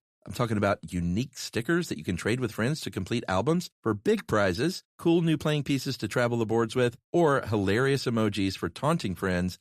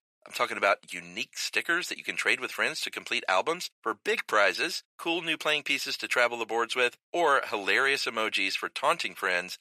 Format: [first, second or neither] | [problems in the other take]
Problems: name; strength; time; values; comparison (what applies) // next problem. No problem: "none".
first | thin; very; fading below 700 Hz